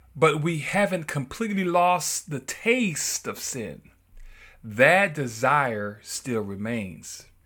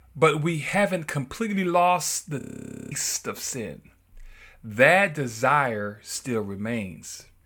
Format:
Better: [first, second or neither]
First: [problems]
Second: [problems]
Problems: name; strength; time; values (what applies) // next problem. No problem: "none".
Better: first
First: none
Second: audio freezing; at 2.5 s for 0.5 s